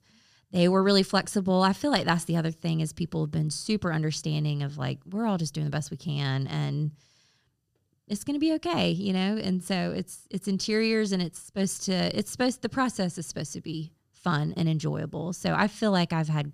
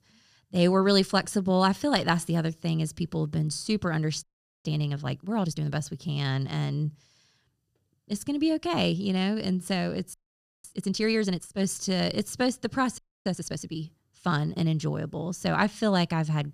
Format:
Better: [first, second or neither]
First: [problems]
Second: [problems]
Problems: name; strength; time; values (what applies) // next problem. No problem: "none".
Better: first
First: none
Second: audio freezing; at 4 s, at 10 s for 0.5 s and at 13 s